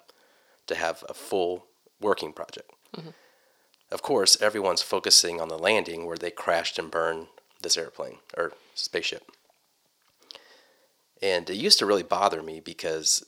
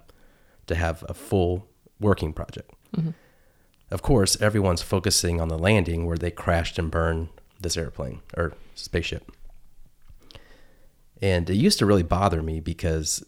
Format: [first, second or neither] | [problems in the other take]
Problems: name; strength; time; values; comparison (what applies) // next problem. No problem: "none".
second | thin; very; fading below 450 Hz